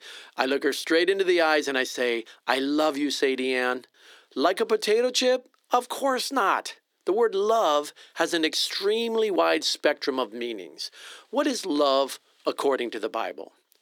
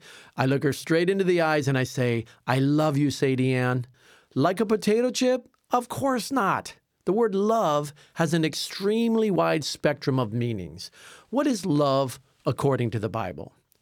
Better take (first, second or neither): second